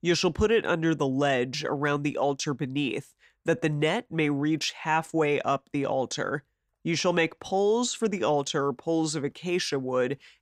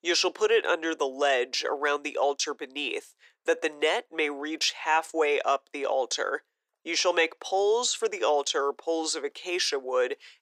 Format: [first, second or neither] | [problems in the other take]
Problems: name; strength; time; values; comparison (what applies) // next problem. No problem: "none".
first | thin; very; fading below 400 Hz